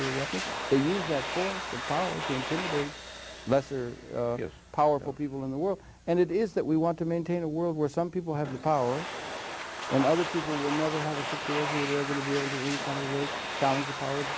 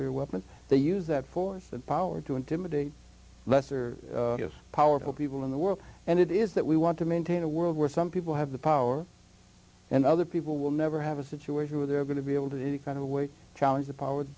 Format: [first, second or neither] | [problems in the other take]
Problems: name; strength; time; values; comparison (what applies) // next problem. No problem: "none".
second | background sound (Domestic sounds, home sounds); 6 dB below the speech